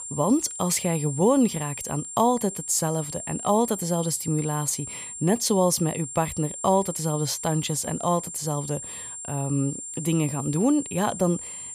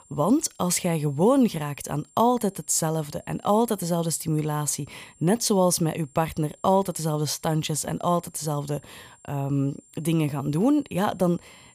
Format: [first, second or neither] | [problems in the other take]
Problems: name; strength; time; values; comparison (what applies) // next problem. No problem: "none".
second | high-pitched whine; loud; throughout; 7.5 kHz, 8 dB below the speech; faint in the second